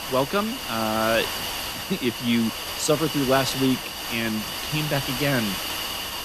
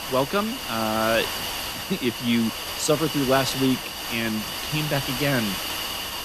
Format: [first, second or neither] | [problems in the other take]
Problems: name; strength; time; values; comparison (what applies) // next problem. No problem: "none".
neither | hiss; loud; throughout; 3 dB below the speech; the same in both